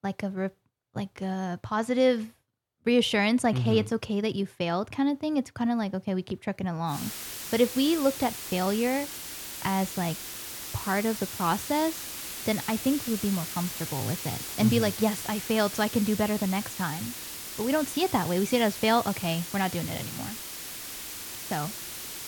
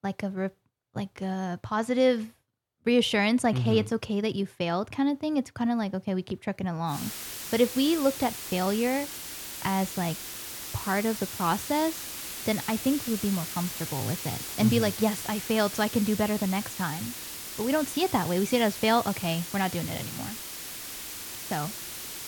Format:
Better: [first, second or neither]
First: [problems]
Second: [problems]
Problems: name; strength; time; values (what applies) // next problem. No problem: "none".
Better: neither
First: hiss; loud; from 7 s on; 7 dB below the speech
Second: hiss; loud; from 7 s on; 7 dB below the speech